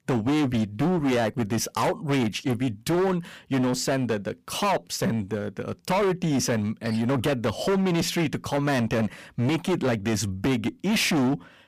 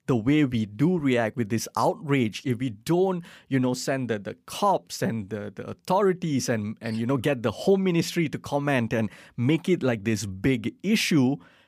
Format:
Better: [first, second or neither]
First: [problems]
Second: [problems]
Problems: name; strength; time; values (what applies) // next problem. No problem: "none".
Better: second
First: distortion; heavy; 20% of the sound clipped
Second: none